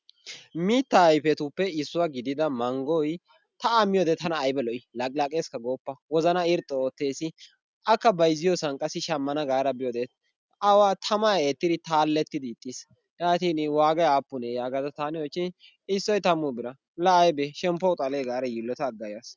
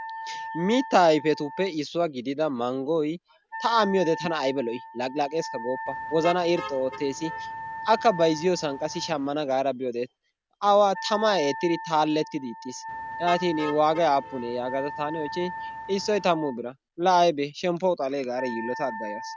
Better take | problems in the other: first | background sound (Motor vehicle (road) + Wind instrument, woodwind instrument); 12 dB below the speech

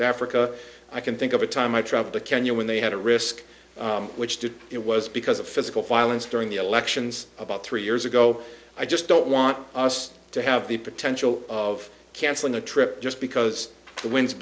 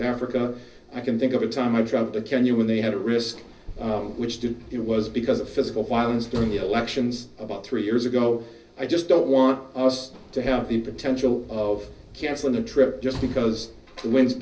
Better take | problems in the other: first | background sound (Sliding door / Slam); 19 dB below the speech // room echo; dies away in 0.4 s

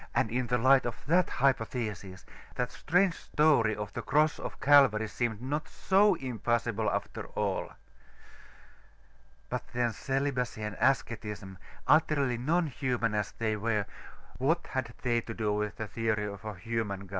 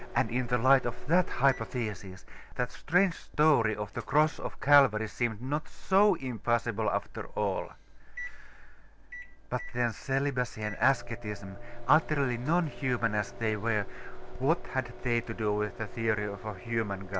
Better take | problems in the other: first | background sound (Microwave oven); 19 dB below the speech

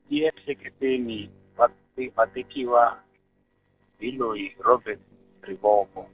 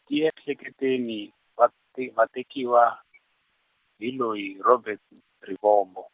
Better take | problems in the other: second | noise reduction (neural separator model SepFormer DNS4)

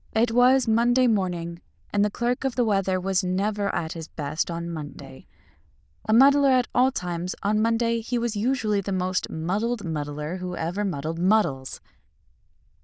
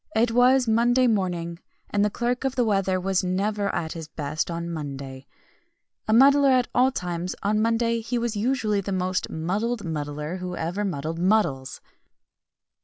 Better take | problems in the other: second | noise reduction (neural diffusion model UNIVERSE++)

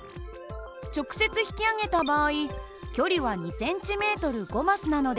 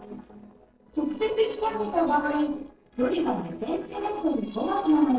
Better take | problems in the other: first | noise reduction (neural separator model SepFormer DNS4)

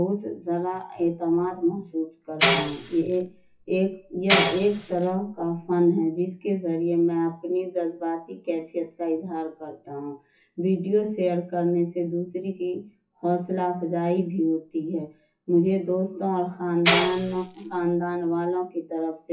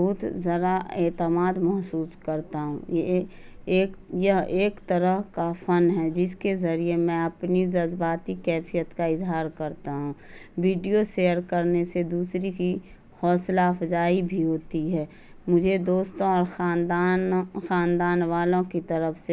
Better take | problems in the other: second | noise reduction (classical method WPE with log-MMSE)

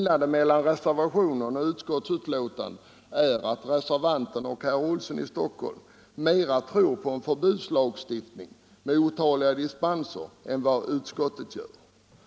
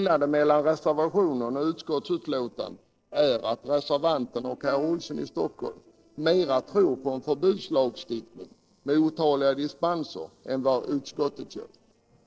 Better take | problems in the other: first | noise reduction (neural separator model SepFormer DNS4)

